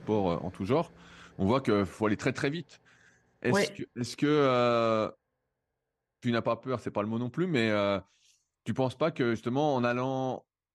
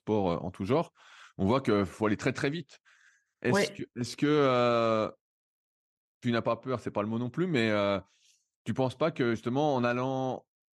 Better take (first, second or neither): second